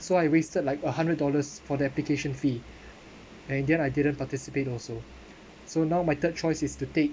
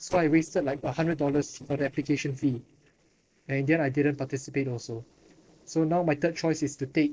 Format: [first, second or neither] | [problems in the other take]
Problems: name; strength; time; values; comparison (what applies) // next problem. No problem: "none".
first | noise reduction (neural separator model SepFormer DNS4)